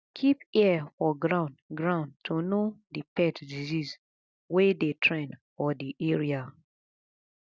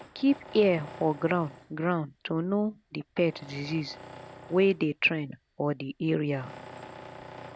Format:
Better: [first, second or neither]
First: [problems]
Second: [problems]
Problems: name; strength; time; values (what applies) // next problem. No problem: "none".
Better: first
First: none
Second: background sound (Tools); 19 dB below the speech